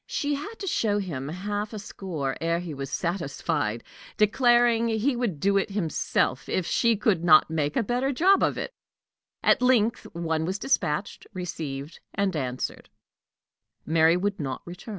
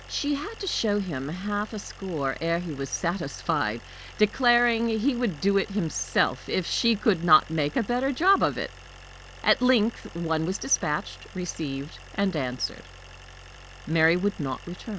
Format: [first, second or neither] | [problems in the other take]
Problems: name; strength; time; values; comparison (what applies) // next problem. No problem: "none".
first | background sound (Idling); 18 dB below the speech